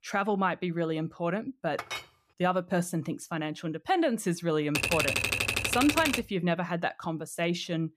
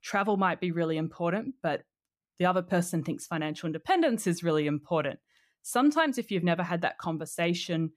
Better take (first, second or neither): second